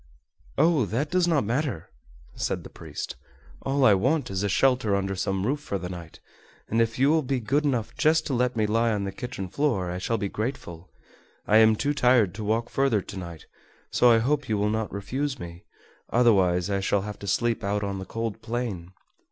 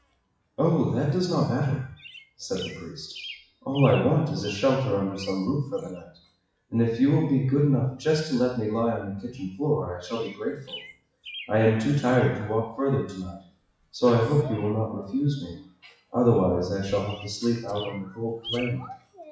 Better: first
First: none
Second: noise reduction (classical method WPE with log-MMSE)

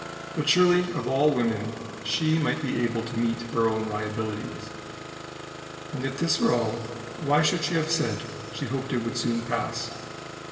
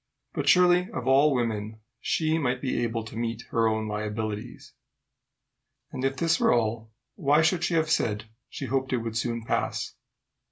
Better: second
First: background sound (Engine starting); 11 dB below the speech // room echo; dies away in 1.8 s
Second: none

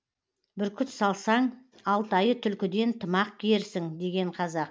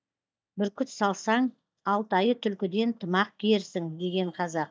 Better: first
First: none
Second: noise reduction (neural mask model DeepFilterNet 3)

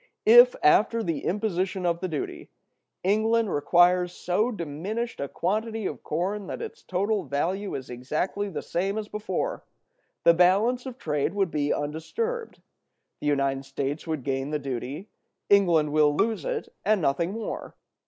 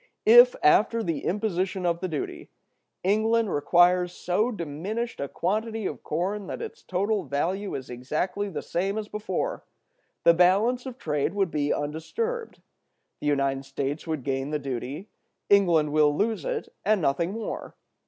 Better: second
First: noise reduction (neural mask model Resemble Enhance denoiser)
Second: none

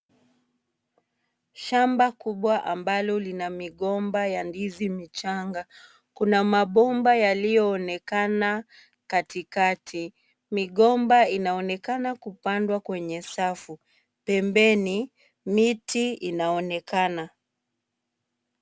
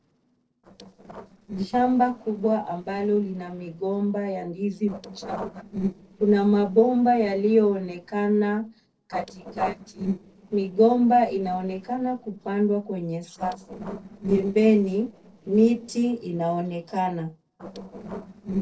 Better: first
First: none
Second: noise reduction (neural separator model SepFormer DNS4)

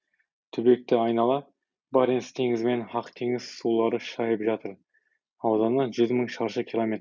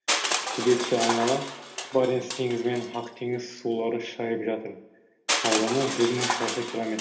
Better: first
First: none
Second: background sound (Crushing); 4 dB below the speech // room echo; dies away in 0.8 s

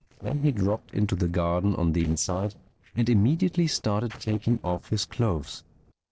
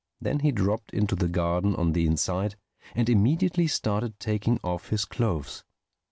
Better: second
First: noise reduction (neural separator model SepFormer DNS4)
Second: none

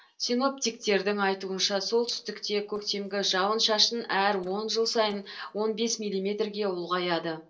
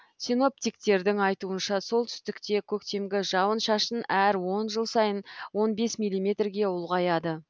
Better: second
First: noise reduction (neural separator model SepFormer DNS4)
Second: none

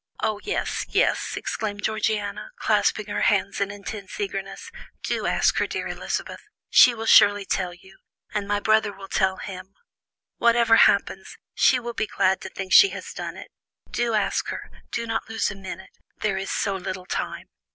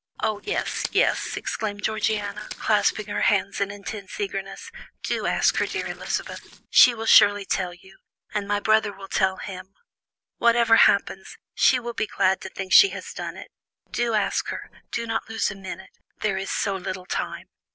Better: first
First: none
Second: noise reduction (neural separator model SepFormer DNS4)

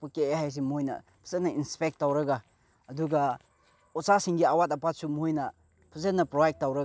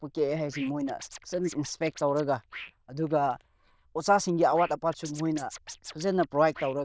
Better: first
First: none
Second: noise reduction (neural diffusion model UNIVERSE++)

